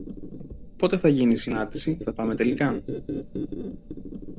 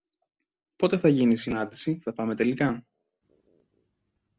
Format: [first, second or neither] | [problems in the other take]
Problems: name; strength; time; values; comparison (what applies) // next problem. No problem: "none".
second | background sound (Squeak); 7 dB below the speech